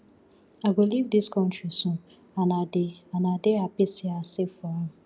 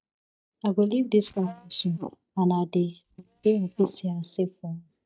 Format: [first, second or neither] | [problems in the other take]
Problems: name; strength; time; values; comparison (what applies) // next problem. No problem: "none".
first | noise reduction (neural mask model DeepFilterNet 3)